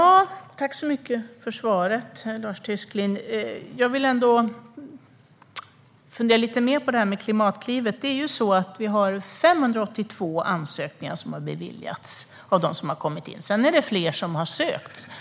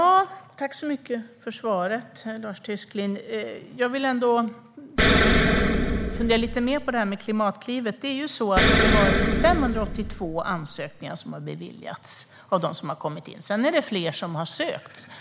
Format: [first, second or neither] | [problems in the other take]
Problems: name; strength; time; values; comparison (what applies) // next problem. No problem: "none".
first | background sound (Explosion); 4 dB above the speech